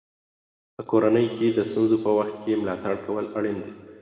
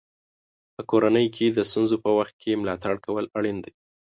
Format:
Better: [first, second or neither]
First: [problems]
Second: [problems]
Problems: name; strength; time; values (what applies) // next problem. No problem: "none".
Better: second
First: room echo; dies away in 1.7 s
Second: none